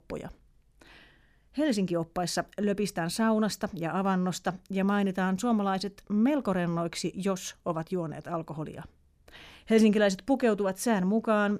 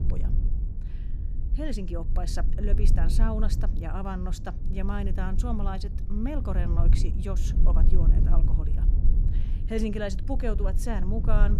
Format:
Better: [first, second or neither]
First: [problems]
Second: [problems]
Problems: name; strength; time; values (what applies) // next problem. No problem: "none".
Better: first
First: none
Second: low rumble; loud; throughout; 9 dB below the speech